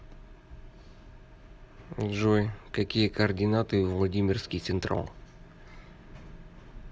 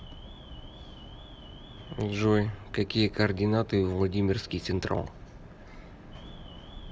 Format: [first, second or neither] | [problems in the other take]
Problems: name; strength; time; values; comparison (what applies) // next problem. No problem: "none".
first | background sound (Alarm); 18 dB below the speech